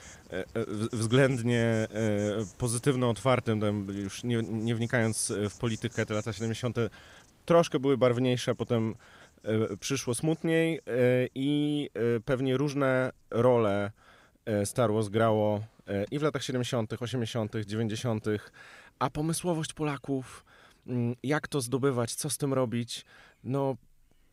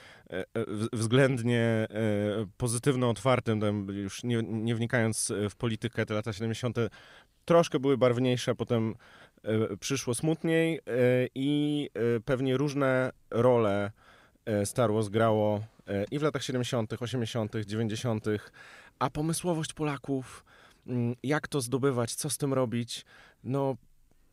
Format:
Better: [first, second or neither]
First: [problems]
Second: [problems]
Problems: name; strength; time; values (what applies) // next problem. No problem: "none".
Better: second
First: animal sounds; faint; throughout; 25 dB below the speech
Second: none